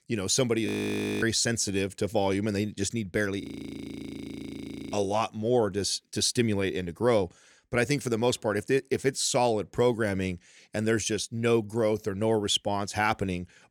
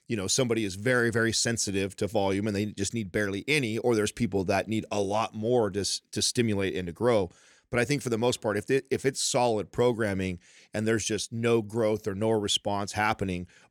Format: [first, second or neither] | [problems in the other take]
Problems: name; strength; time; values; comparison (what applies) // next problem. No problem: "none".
second | audio freezing; at 0.5 s for 0.5 s and at 3.5 s for 1.5 s